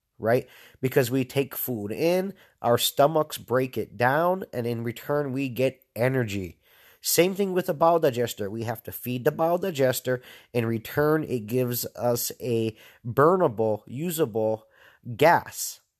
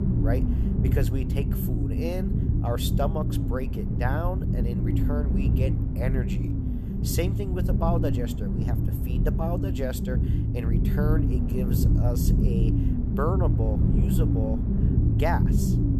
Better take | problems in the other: first | low rumble; loud; throughout; 2 dB below the speech

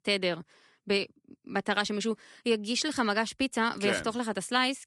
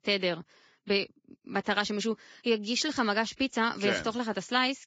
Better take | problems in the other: first | garbled, watery; badly; nothing above 7.5 kHz; slightly in the first

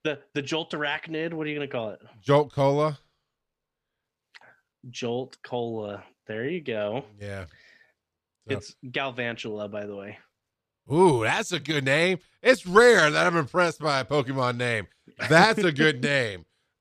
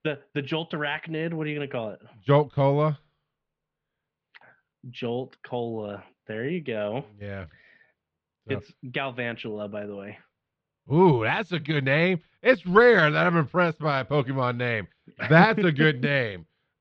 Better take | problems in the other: first | muffled; slightly; fading above 3.5 kHz

